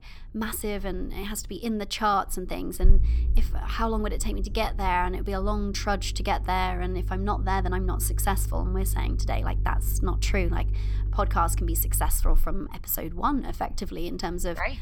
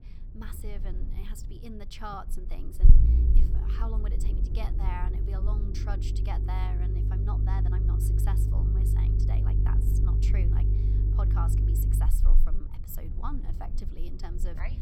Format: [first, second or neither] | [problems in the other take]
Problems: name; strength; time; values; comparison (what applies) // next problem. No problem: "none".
first | low rumble; loud; throughout; 2 dB below the speech; faint in the first